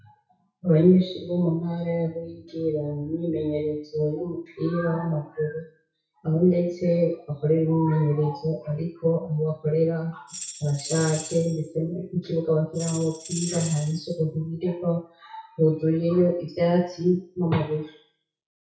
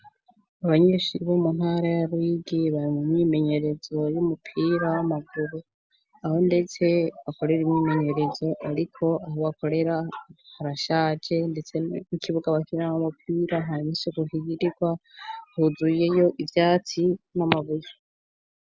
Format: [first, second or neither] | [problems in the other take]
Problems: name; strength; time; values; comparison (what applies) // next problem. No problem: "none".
second | noise reduction (classical method WPE with log-MMSE)